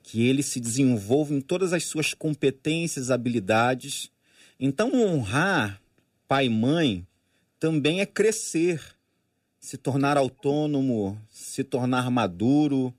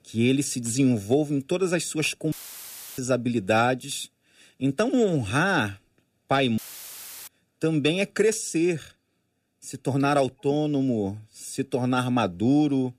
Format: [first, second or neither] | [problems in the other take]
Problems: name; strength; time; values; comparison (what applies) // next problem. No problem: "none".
first | audio cutting out; filled with static; at 2.5 s for 0.5 s and at 6.5 s for 0.5 s